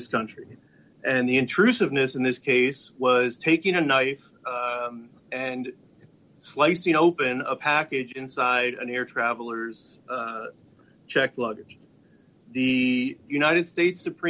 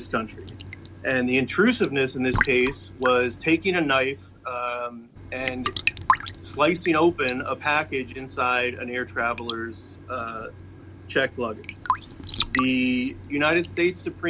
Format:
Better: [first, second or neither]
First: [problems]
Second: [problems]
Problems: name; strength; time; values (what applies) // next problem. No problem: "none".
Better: first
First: none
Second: background sound (Raindrop / Drip / Trickle, dribble); 8 dB below the speech